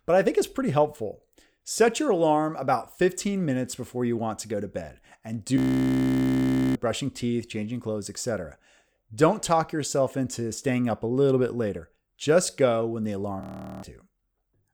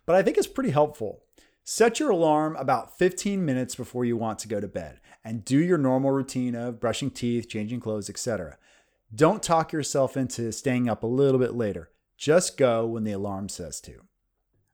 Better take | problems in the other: second | audio freezing; at 5.5 s for 1 s and at 13 s

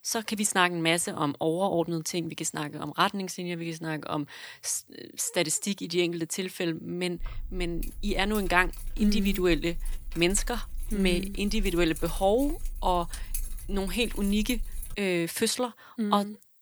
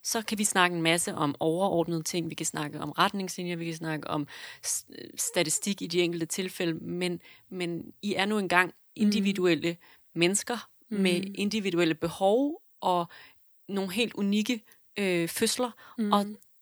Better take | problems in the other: second | jangling keys; noticeable; from 7 to 15 s; peak 7 dB below the speech

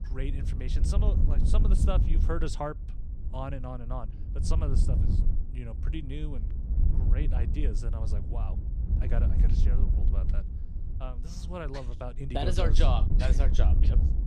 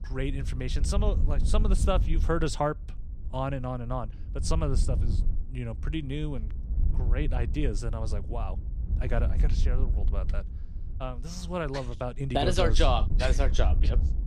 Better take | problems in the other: second | wind noise on the microphone; heavy; 6 dB below the speech; occasional gusts in the second

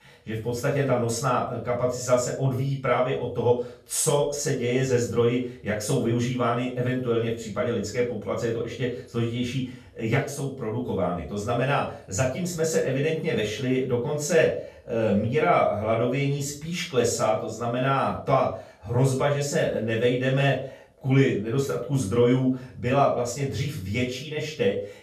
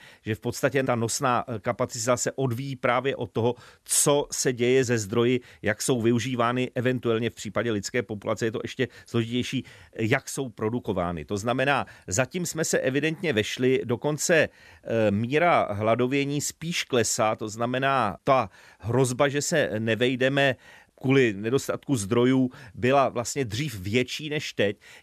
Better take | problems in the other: second | off-mic speech; far // room echo; slight; dies away in 0.4 s

